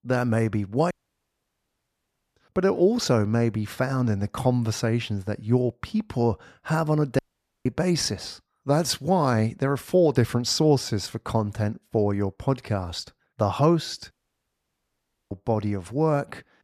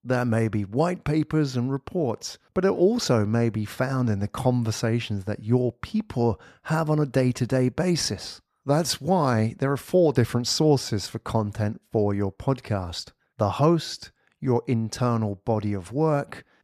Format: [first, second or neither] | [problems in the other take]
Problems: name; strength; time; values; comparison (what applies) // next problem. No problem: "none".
second | audio cutting out; at 1 s for 1.5 s, at 7 s and at 14 s for 1 s